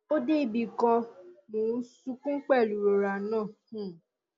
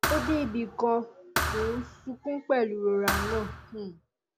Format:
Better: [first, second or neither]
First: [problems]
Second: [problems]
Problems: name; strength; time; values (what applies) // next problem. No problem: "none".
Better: first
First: none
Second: background sound (Thump, thud); 4 dB below the speech